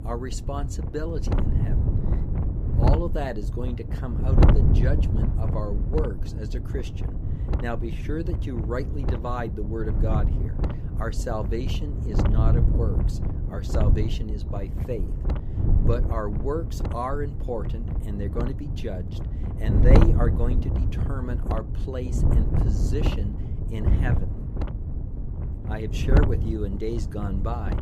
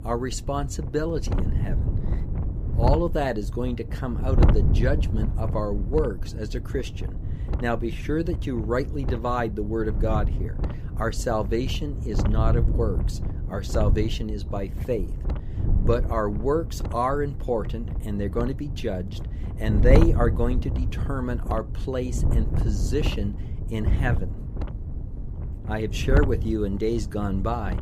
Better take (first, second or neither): second